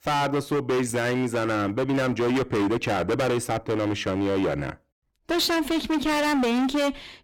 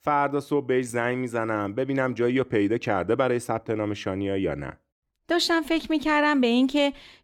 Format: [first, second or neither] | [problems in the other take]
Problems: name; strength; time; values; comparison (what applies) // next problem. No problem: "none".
second | distortion; heavy; 29% of the sound clipped